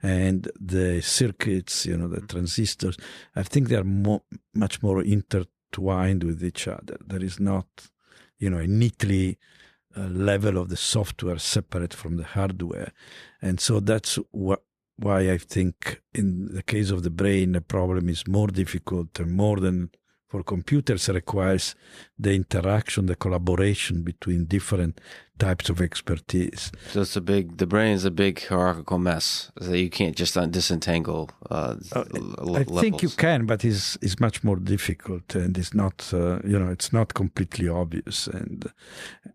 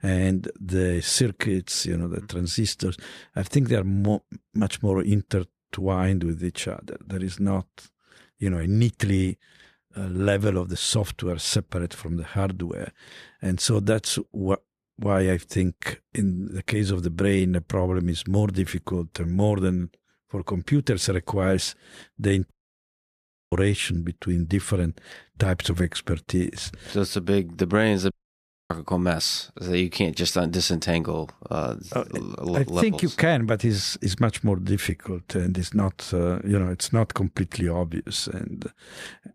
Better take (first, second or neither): first